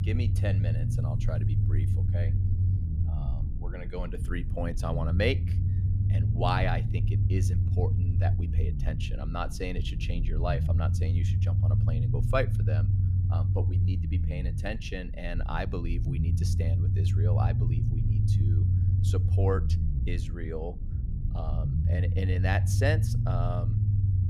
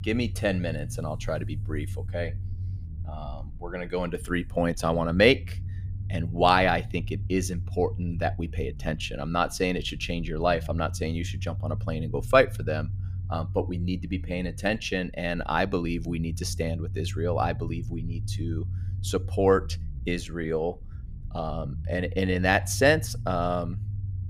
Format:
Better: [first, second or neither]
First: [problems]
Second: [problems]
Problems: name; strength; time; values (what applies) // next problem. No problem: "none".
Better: second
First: low rumble; loud; throughout; 6 dB below the speech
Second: low rumble; faint; throughout; 25 dB below the speech